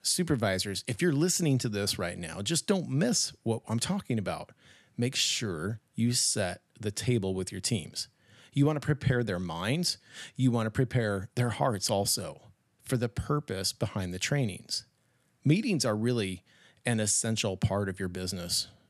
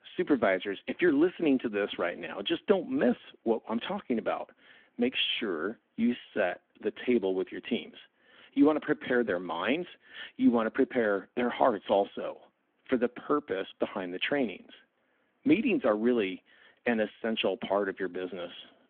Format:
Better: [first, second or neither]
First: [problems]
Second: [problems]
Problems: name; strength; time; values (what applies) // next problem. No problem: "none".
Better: first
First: none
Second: phone-call audio; nothing above 3.5 kHz